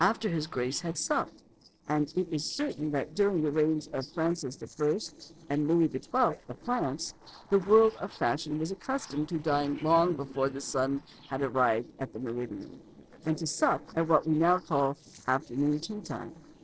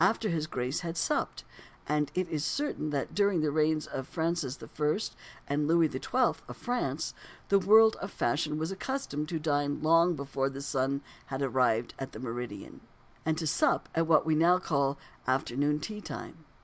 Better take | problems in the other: second | noise reduction (neural separator model SepFormer DNS4)

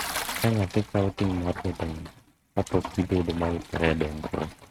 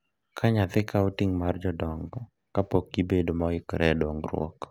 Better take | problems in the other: second | noise reduction (neural mask model RNNoise)

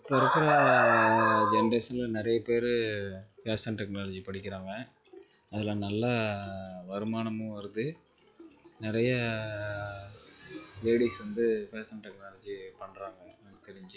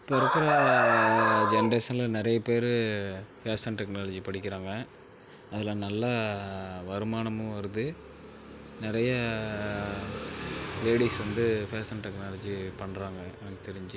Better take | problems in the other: second | noise reduction (classical method log-MMSE)

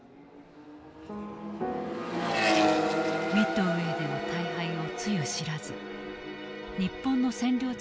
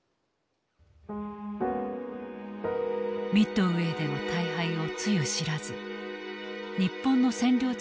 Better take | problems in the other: second | background sound (Accelerating, revving, vroom); 1 dB below the speech

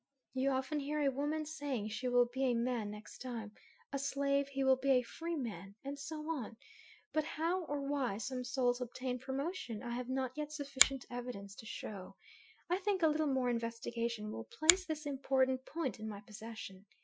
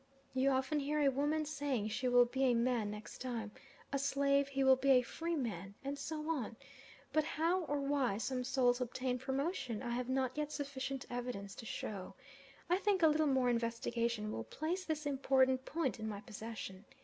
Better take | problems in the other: second | noise reduction (classical method Wiener filter)

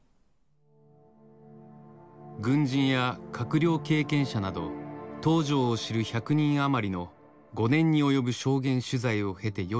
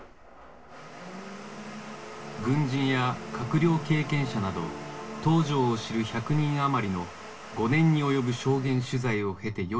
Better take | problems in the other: first | background sound (Domestic sounds, home sounds); 15 dB below the speech // room echo; dies away in 0.2 s

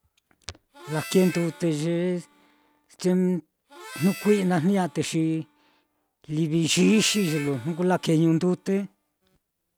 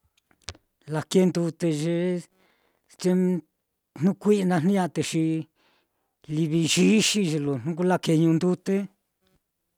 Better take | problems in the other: second | background sound (Harmonica); 18 dB below the speech

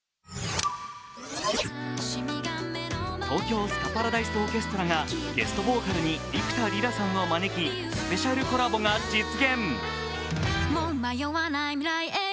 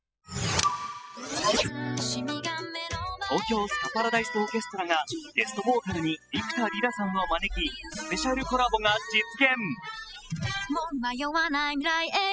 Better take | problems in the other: first | noise reduction (classical method spectral subtraction)

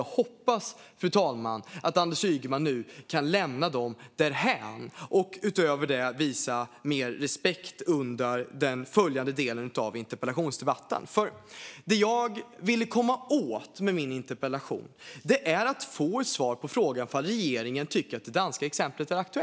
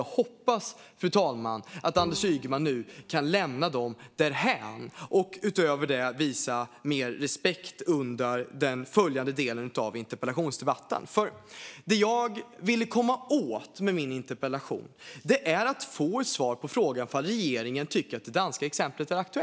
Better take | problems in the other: first | background sound (Bowed string instrument); 19 dB below the speech

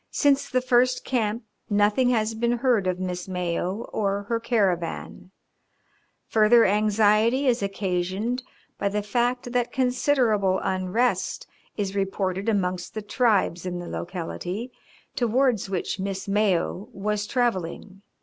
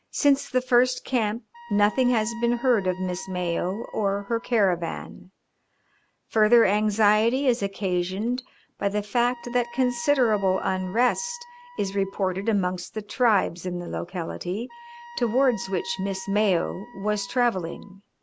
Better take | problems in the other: first | background sound (Wind instrument, woodwind instrument); 20 dB below the speech

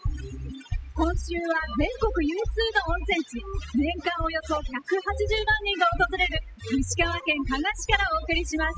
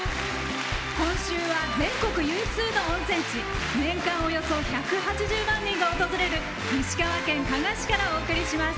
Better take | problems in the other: second | noise reduction (classical method spectral subtraction)

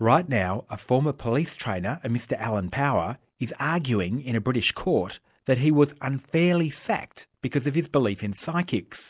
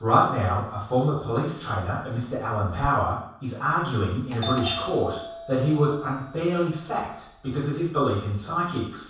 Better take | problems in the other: first | background sound (Doorbell); 15 dB below the speech // room echo; dies away in 0.7 s

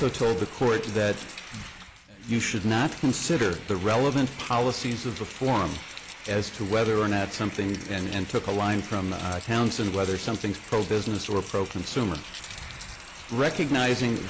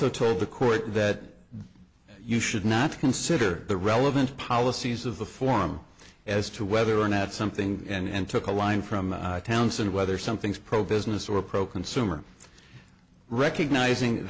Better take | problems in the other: second | background sound (Rain); 15 dB below the speech

